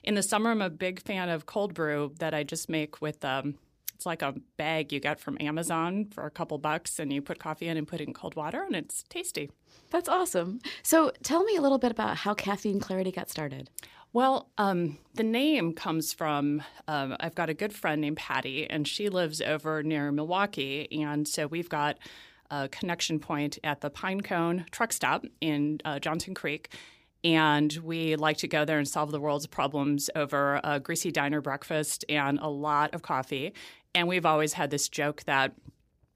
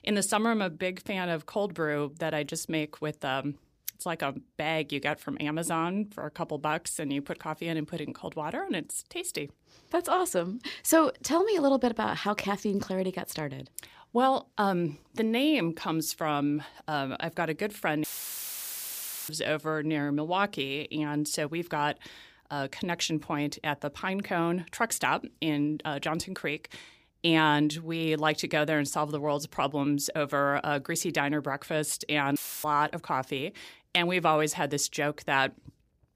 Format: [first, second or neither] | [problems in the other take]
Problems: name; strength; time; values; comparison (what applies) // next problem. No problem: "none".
first | audio cutting out; filled with static; at 18 s for 1.5 s and at 32 s